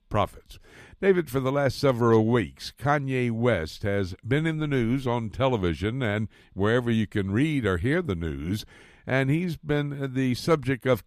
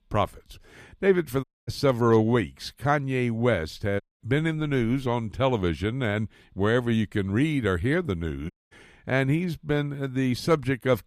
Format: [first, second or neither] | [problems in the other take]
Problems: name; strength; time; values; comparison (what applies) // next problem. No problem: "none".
first | audio cutting out; at 1.5 s, at 4 s and at 8.5 s